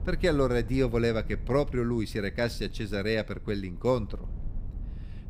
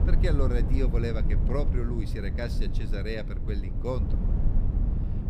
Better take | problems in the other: first | low rumble; loud; throughout; 7 dB below the speech; faint in the first

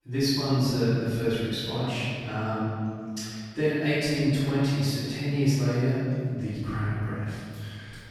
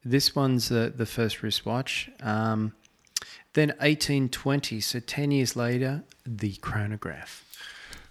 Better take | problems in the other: second | off-mic speech; far // room echo; strong; dies away in 2.4 s

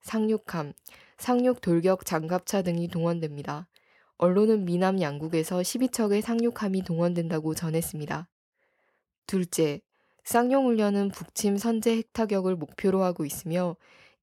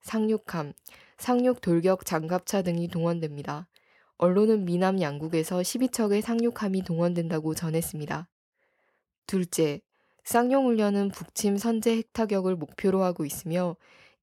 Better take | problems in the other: neither | none

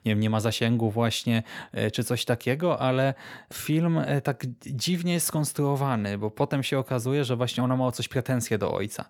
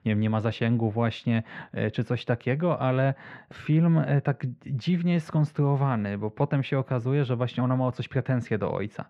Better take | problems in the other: first | muffled; very; fading above 2 kHz

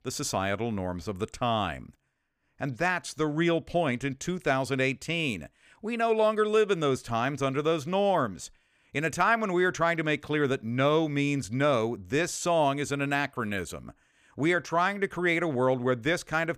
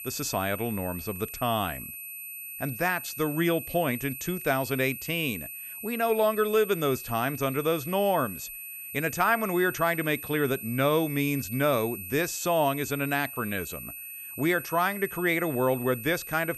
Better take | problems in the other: first | high-pitched whine; loud; throughout; 12 kHz, 9 dB below the speech

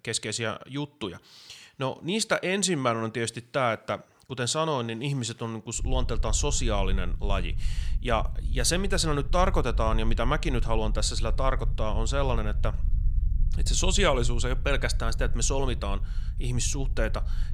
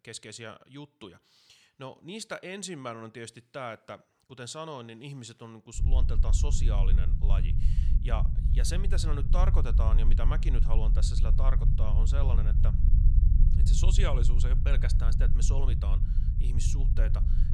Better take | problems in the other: first | low rumble; loud; from 6 s on; 6 dB below the speech; faint in the first

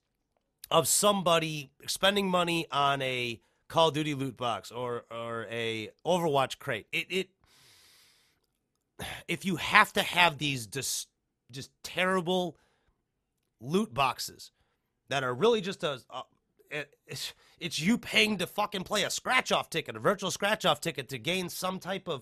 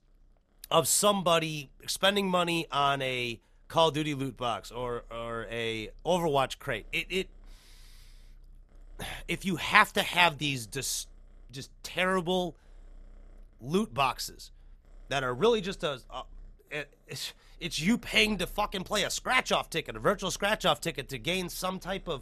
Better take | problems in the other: first | animal sounds; faint; throughout; 30 dB below the speech

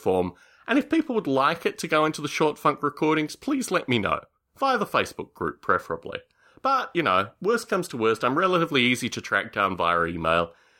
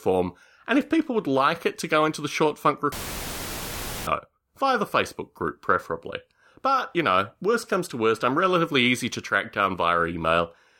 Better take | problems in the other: first | audio cutting out; filled with static; at 3 s for 1 s

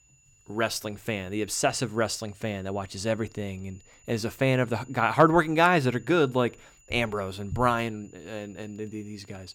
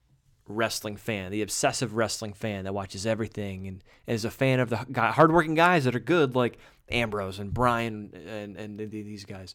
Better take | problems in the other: second | high-pitched whine; faint; throughout; 7 kHz, 30 dB below the speech

